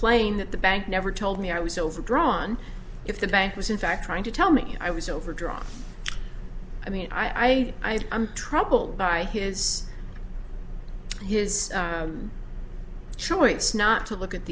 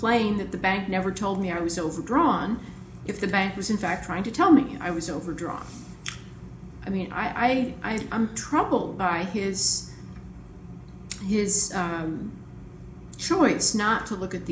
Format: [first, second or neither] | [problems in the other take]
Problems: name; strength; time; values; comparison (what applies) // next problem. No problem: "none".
first | room echo; dies away in 0.4 s